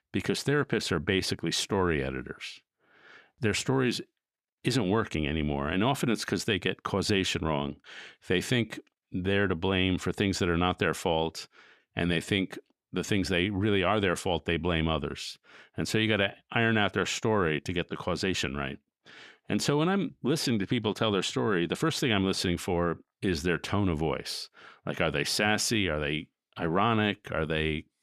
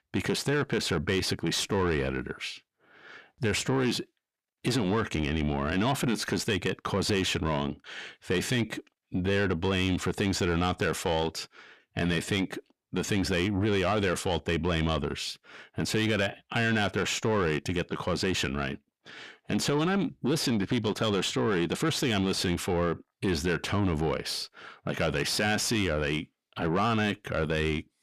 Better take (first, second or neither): first